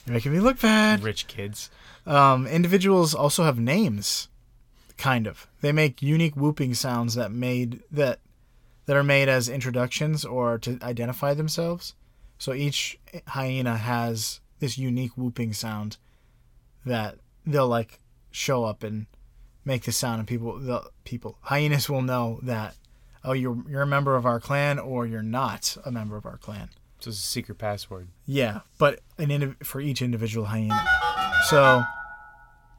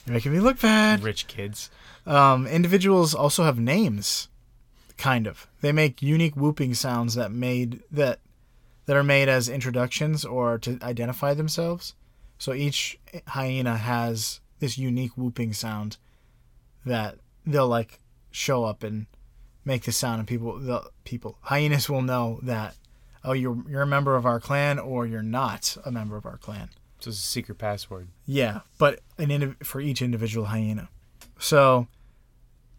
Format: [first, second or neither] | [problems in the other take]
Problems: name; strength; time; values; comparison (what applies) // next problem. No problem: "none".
second | phone ringing; loud; from 31 to 32 s; peak 5 dB above the speech